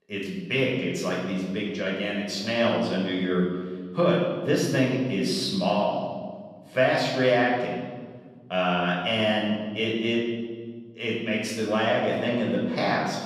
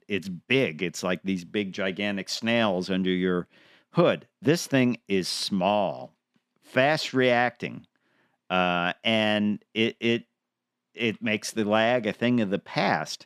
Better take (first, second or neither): second